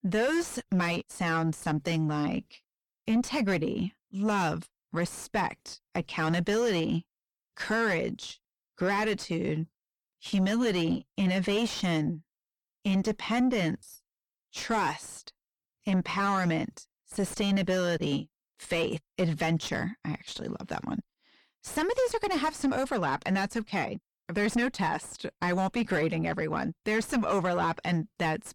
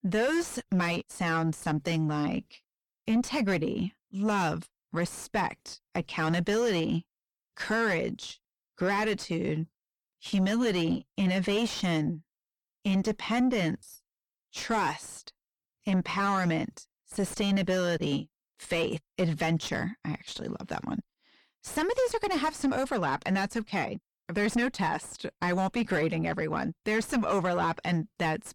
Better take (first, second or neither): neither